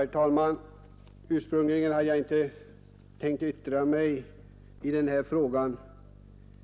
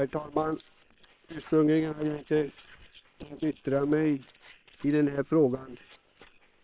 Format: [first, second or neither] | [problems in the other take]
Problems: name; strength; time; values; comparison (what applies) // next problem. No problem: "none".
first | noise reduction (neural separator model SepFormer WHAM!)